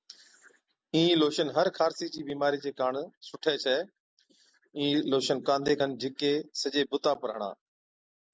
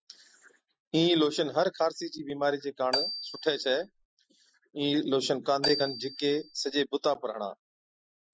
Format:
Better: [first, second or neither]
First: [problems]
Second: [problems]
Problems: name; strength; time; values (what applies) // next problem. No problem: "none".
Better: first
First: none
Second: noise reduction (classical method Wiener filter)